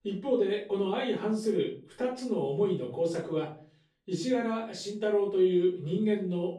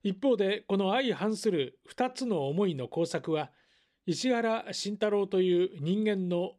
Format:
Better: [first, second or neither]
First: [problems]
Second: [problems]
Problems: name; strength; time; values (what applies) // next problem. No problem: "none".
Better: second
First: off-mic speech; far // room echo; noticeable; dies away in 0.4 s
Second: none